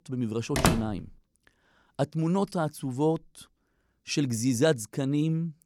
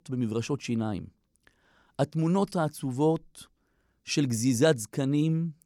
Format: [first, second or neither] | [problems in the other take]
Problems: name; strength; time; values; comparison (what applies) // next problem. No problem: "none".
second | door banging; loud; at 0.5 s; peak 3 dB above the speech